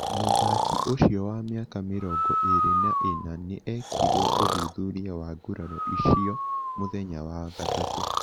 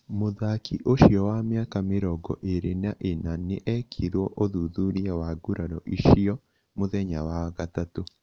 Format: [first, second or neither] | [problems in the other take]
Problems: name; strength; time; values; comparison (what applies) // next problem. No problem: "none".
second | background sound (Breathing); 2 dB above the speech